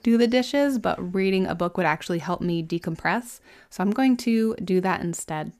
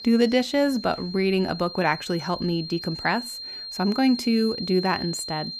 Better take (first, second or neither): first